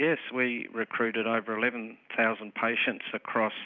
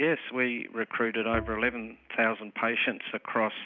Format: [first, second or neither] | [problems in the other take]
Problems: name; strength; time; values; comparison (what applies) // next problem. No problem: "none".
first | background sound (Bowed string instrument); 15 dB below the speech